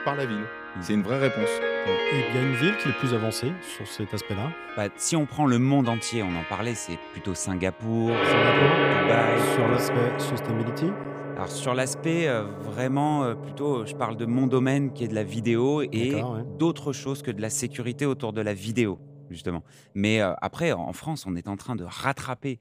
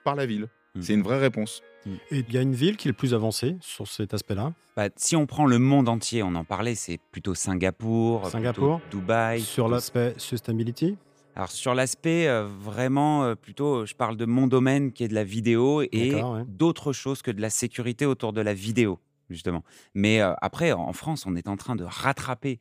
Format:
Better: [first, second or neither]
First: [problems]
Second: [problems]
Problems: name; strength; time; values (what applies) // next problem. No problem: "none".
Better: second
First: background music; loud; throughout; 1 dB below the speech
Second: background music; faint; throughout; 30 dB below the speech